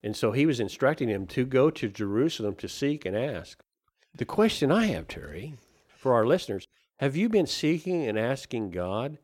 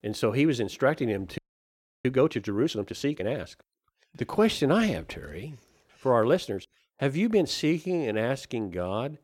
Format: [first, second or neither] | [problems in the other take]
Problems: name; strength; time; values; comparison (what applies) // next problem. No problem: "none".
first | audio freezing; at 1.5 s for 0.5 s